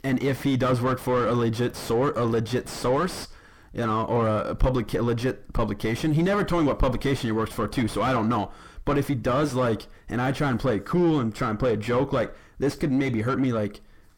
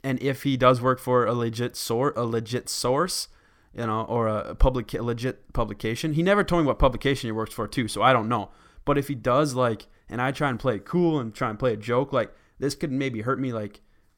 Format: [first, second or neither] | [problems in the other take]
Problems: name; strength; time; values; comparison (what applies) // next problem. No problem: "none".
second | distortion; heavy; 4 dB below the speech